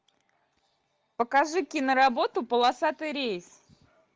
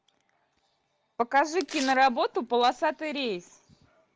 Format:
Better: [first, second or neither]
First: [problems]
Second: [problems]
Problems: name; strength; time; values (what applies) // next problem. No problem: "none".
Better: first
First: none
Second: background sound (Tearing); 16 dB below the speech